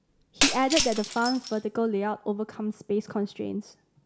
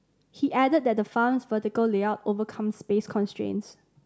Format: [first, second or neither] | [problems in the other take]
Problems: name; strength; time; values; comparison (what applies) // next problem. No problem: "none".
second | background sound (Shatter); 3 dB below the speech